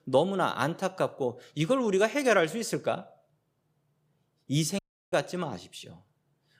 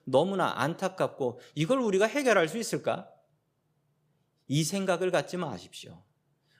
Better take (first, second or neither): second